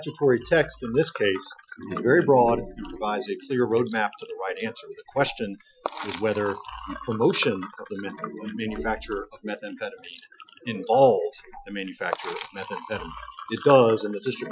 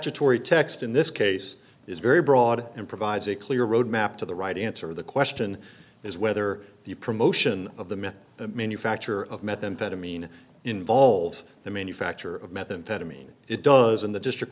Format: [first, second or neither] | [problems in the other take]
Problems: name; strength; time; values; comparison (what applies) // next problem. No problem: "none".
second | noise reduction (classical method Wiener filter)